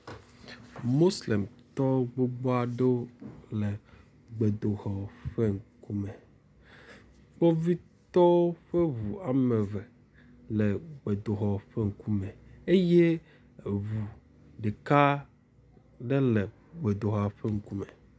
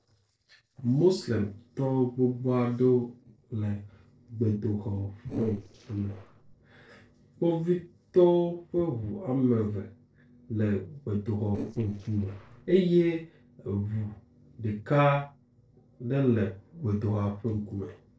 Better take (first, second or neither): first